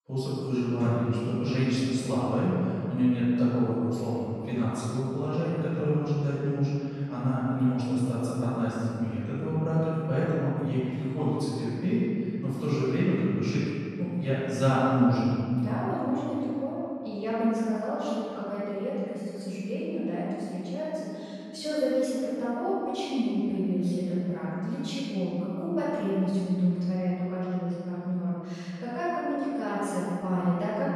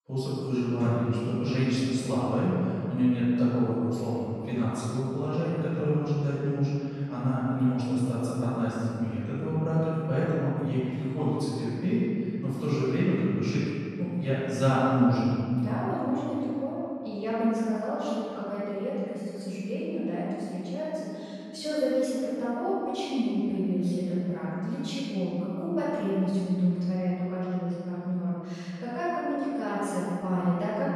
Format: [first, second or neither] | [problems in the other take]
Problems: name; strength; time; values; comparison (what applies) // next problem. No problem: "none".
neither | off-mic speech; far; the same in both // room echo; strong; dies away in 2.3 s; the same in both